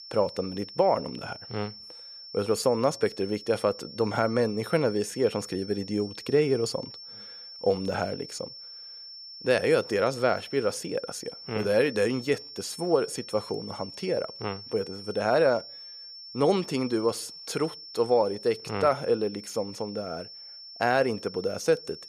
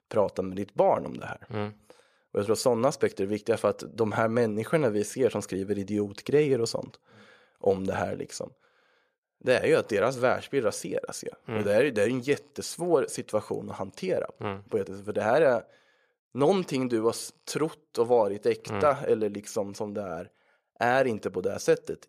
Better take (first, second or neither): second